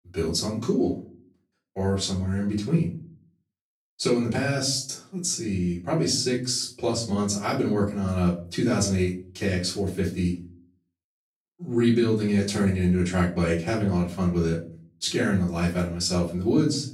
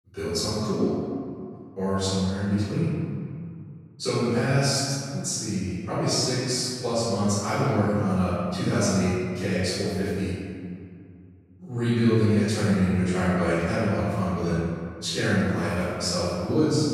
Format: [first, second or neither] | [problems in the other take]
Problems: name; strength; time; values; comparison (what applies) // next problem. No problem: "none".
first | room echo; strong; dies away in 2 s; slight in the first // off-mic speech; far; far in the first